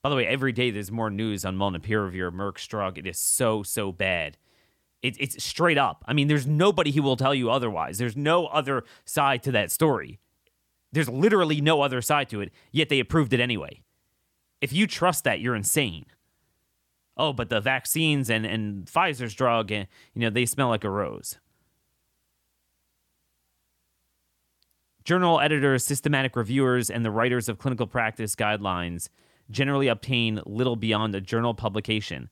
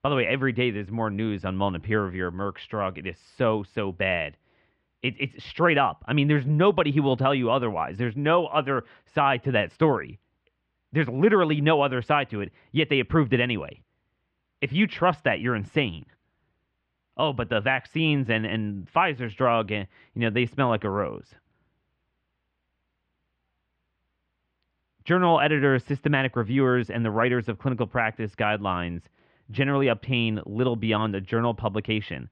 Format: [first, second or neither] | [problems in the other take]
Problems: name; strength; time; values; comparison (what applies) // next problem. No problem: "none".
first | muffled; very; fading above 3 kHz